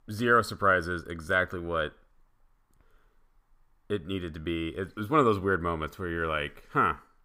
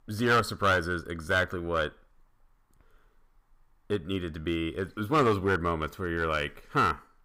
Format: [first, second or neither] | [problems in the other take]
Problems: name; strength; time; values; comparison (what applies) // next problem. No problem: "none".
first | distortion; slight; 3% of the sound clipped